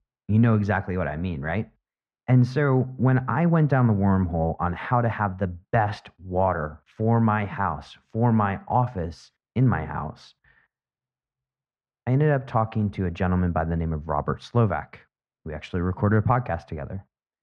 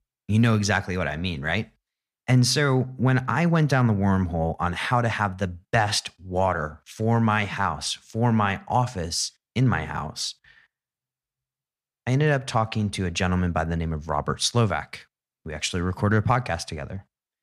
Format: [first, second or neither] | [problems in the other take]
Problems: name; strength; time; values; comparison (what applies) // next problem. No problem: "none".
second | muffled; very; fading above 3.5 kHz